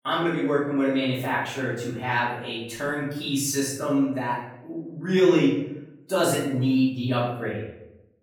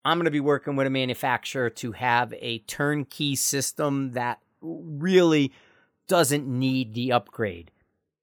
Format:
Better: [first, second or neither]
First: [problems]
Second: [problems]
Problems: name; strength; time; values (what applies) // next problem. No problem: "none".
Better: second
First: off-mic speech; far // room echo; noticeable; dies away in 0.7 s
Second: none